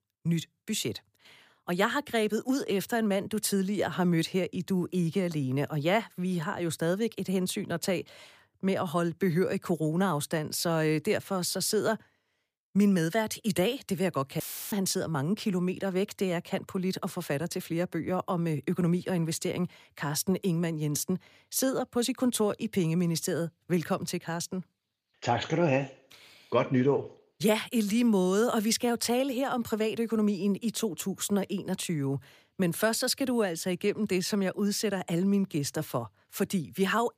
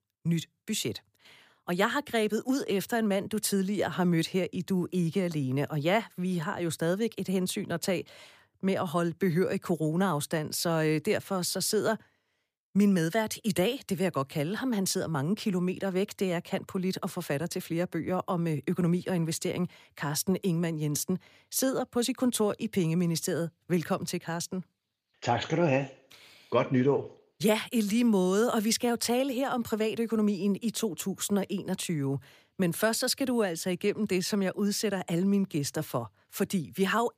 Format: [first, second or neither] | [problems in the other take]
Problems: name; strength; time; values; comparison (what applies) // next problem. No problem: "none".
second | audio cutting out; filled with static; at 14 s